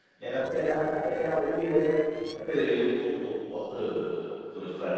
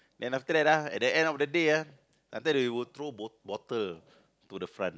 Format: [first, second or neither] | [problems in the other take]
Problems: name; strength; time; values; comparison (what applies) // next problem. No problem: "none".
second | noise reduction (neural separator model SepFormer DNS4)